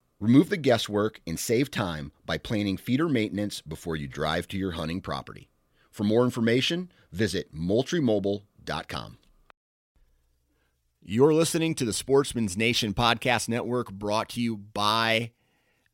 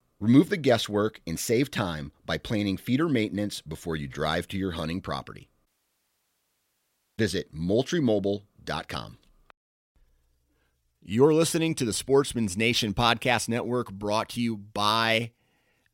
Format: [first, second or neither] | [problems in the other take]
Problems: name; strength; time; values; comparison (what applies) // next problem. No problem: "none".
first | audio cutting out; at 5.5 s for 1.5 s